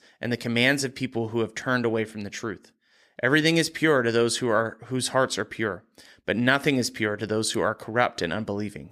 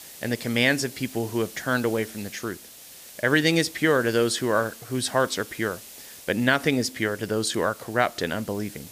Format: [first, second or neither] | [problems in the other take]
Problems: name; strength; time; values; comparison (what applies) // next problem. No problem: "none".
first | hiss; noticeable; throughout; 15 dB below the speech